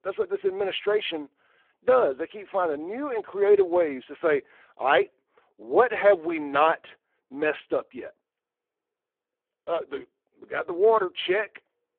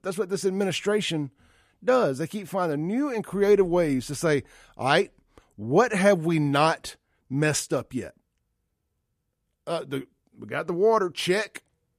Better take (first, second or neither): second